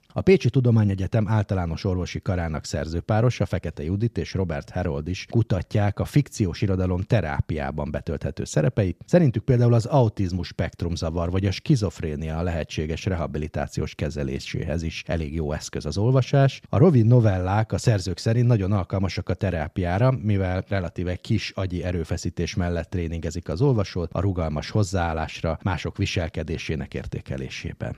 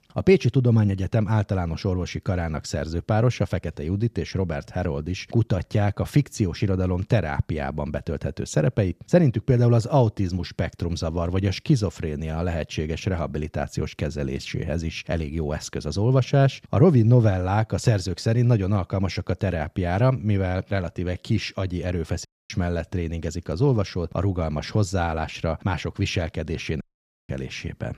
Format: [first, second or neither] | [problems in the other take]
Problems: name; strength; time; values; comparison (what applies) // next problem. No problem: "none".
first | audio cutting out; at 22 s and at 27 s